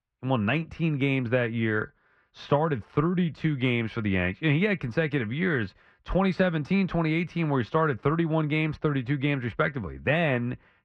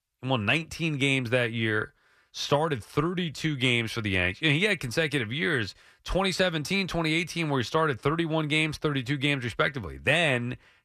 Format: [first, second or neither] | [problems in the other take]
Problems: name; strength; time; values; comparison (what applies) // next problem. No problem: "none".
second | muffled; very; fading above 2 kHz